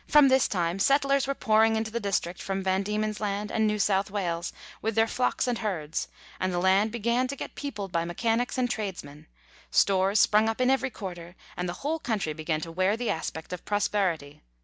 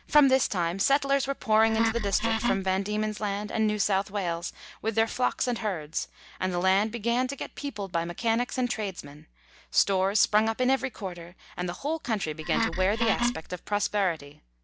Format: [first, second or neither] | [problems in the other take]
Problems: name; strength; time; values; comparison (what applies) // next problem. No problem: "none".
first | background sound (Wood); 2 dB below the speech